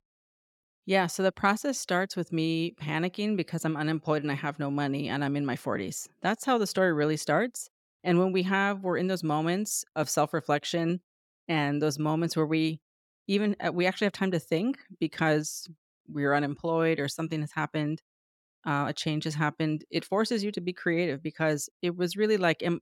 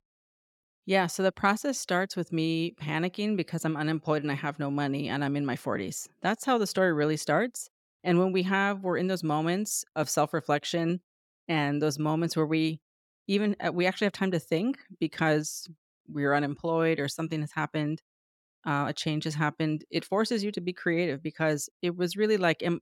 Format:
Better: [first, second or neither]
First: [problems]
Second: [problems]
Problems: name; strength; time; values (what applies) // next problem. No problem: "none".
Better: neither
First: none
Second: none